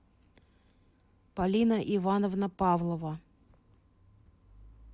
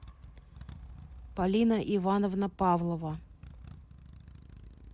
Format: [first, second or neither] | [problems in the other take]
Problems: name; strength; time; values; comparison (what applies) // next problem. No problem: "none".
first | background sound (Motorcycle); 18 dB below the speech